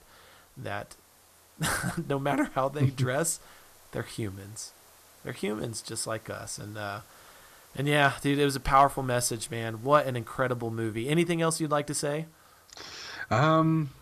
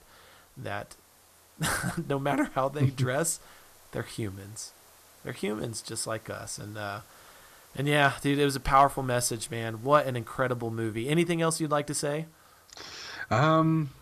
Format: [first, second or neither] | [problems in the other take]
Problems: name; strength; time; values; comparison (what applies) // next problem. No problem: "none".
neither | hiss; faint; throughout; 25 dB below the speech; the same in both